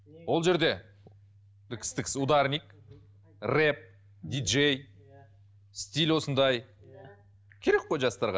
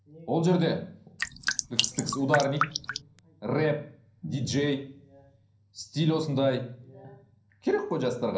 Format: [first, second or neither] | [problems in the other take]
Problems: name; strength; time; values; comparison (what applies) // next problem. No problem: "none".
first | background sound (Drip); 2 dB below the speech // room echo; dies away in 0.6 s